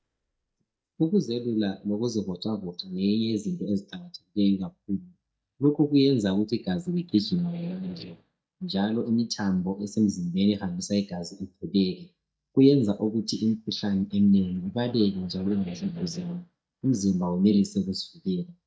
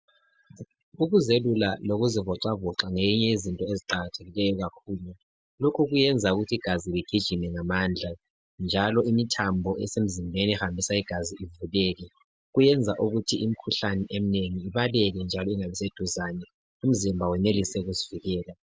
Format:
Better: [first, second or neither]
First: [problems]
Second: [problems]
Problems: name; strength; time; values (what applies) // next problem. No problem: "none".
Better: second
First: noise reduction (neural mask model DeepFilterNet 3)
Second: none